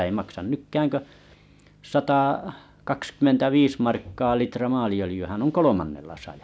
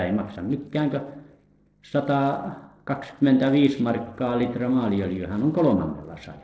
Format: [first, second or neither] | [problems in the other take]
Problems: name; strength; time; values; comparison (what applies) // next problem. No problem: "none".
first | noise reduction (neural separator model SepFormer DNS4)